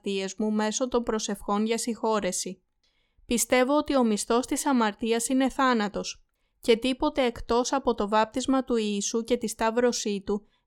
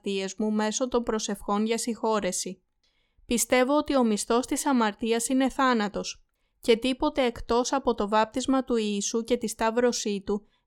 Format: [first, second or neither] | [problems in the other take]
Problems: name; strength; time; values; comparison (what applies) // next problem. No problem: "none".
neither | none